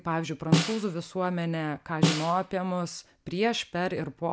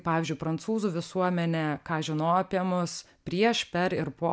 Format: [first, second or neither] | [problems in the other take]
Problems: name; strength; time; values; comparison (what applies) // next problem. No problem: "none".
second | background sound (Snare drum); 1 dB below the speech